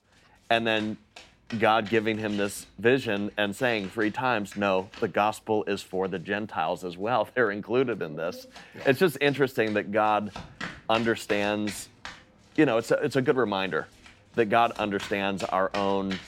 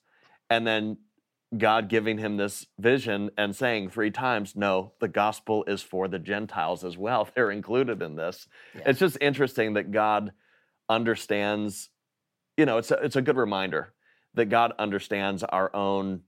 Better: second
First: household noises; noticeable; throughout; 20 dB below the speech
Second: none

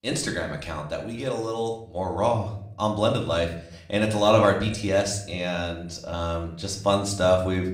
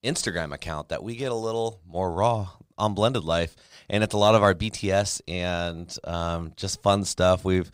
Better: second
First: room echo; slight; dies away in 0.5 s // off-mic speech; somewhat distant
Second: none

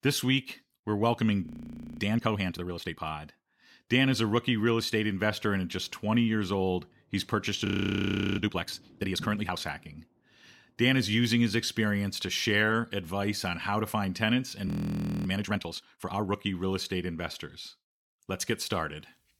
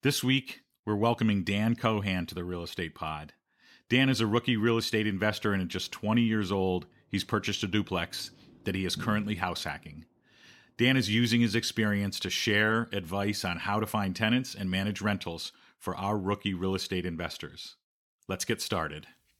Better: second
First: audio freezing; at 1.5 s for 0.5 s, at 7.5 s for 0.5 s and at 15 s for 0.5 s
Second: none

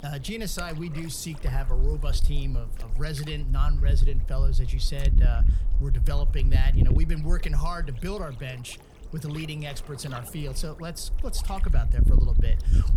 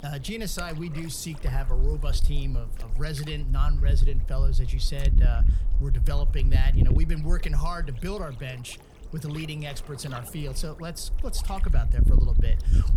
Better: neither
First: wind noise on the microphone; heavy; 9 dB below the speech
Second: wind noise on the microphone; heavy; 9 dB below the speech

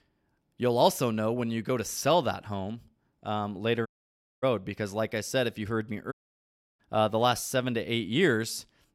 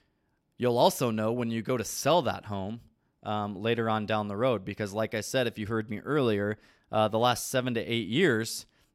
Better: second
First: audio cutting out; at 4 s for 0.5 s and at 6 s for 0.5 s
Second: none

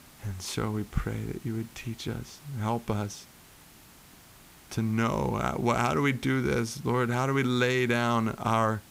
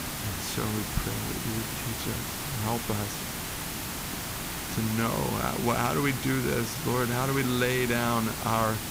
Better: first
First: hiss; faint; throughout; 25 dB below the speech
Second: hiss; loud; throughout; 3 dB below the speech

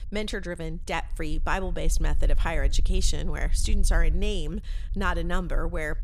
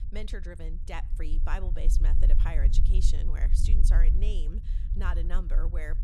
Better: first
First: low rumble; faint; throughout; 25 dB below the speech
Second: low rumble; loud; throughout; 8 dB below the speech

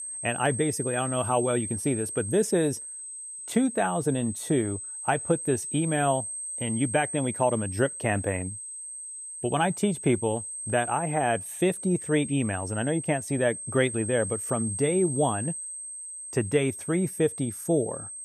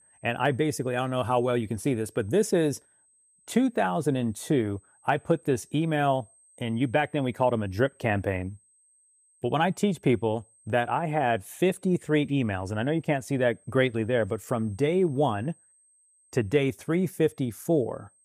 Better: second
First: high-pitched whine; loud; throughout; 8.5 kHz, 7 dB below the speech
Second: high-pitched whine; faint; throughout; 8.5 kHz, 30 dB below the speech

